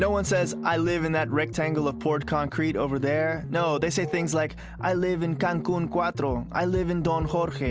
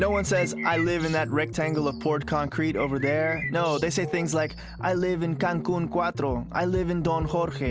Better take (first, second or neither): first